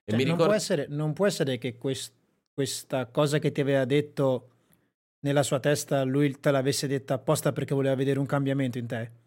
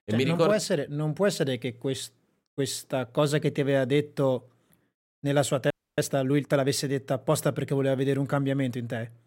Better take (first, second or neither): first